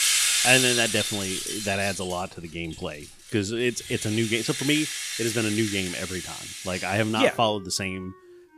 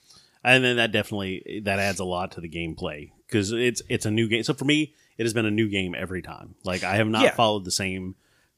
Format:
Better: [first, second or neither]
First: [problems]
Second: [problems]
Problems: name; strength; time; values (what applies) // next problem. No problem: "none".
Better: second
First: background music; loud; throughout; 1 dB below the speech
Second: none